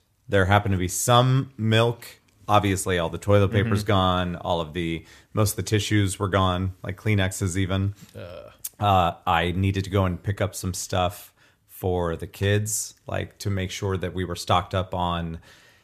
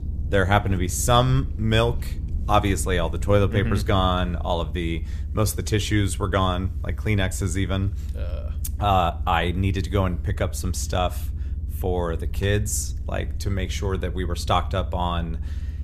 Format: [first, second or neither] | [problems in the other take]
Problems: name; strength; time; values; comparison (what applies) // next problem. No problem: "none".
first | low rumble; faint; throughout; 20 dB below the speech